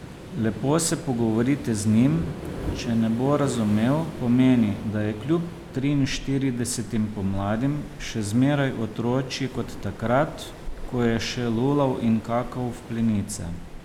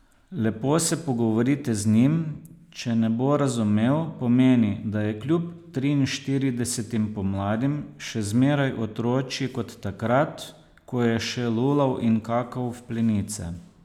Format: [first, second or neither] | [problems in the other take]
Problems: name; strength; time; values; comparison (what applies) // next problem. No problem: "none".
second | background sound (Waves, surf); 12 dB below the speech